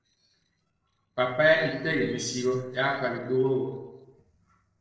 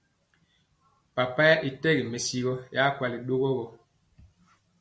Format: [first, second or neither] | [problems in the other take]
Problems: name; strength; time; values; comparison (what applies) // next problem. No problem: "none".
second | noise reduction (neural separator model SepFormer DNS4)